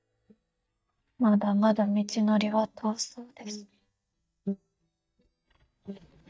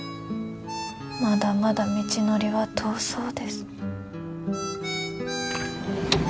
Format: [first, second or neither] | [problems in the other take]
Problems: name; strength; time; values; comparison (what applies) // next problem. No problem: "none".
second | noise reduction (neural mask model DeepFilterNet 3)